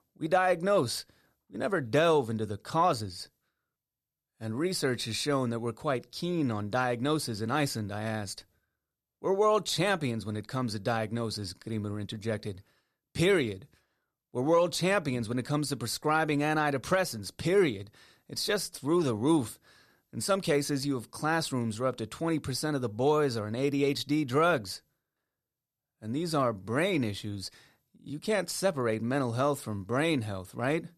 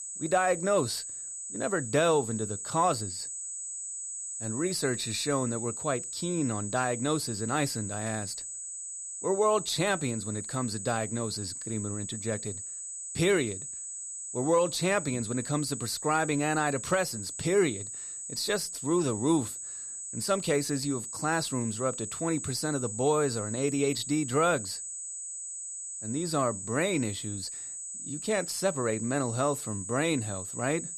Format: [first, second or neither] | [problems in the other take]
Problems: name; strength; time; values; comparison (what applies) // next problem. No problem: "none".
first | high-pitched whine; loud; throughout; 8 kHz, 6 dB below the speech